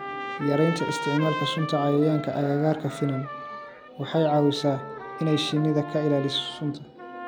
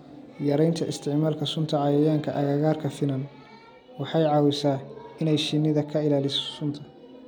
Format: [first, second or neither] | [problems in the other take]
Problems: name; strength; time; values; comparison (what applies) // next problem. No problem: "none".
second | background sound (Trumpet); 10 dB below the speech